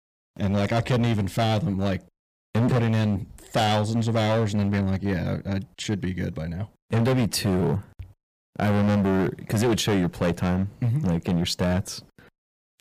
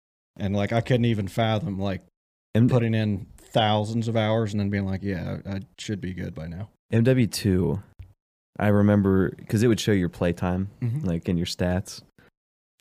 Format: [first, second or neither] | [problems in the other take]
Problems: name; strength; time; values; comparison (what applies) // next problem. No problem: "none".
second | distortion; heavy; 14% of the sound clipped